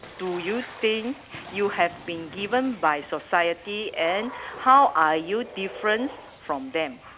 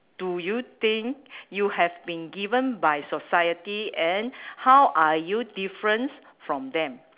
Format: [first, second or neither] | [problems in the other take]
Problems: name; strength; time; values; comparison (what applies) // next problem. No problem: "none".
second | background sound (Water / Splash, splatter); 17 dB below the speech